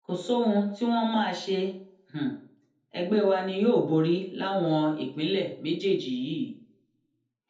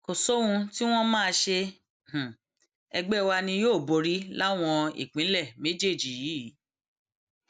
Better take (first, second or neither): second